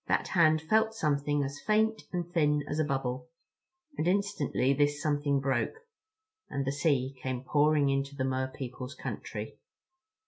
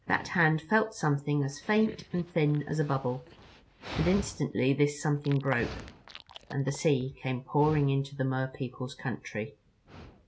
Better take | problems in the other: first | background sound (Dog); 16 dB below the speech

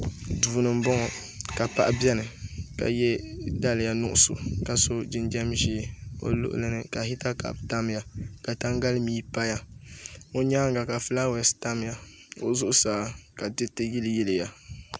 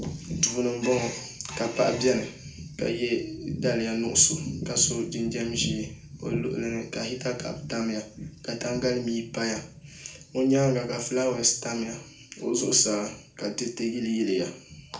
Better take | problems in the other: first | room echo; dies away in 0.4 s

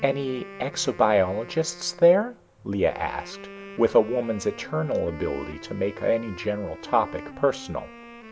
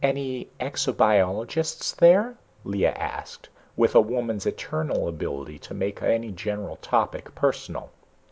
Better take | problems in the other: second | background sound (Wind instrument, woodwind instrument); 17 dB below the speech

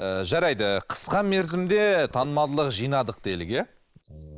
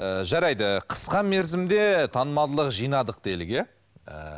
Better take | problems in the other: second | noise reduction (neural mask model Resemble Enhance denoiser)

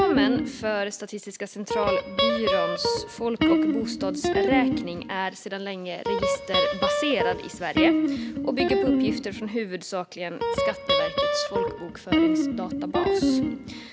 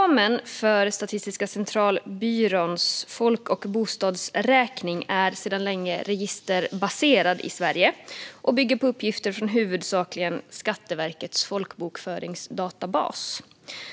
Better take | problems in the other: second | background sound (Guitar); 5 dB above the speech

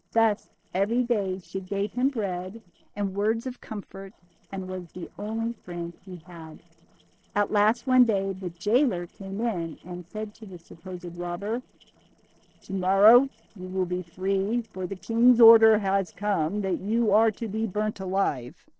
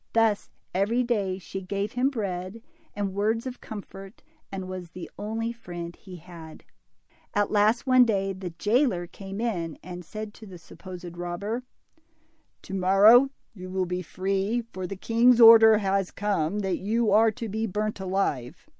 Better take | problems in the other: second | noise reduction (neural separator model SepFormer DNS4)

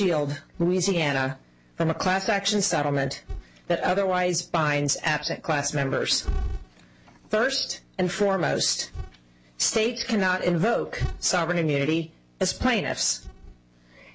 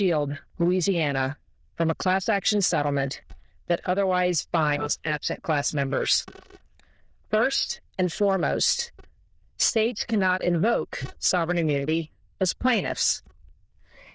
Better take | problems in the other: first | noise reduction (neural diffusion model UNIVERSE++)

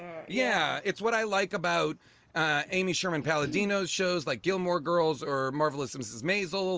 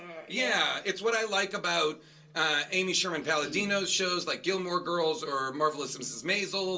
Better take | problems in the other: first | room echo; dies away in 0.2 s

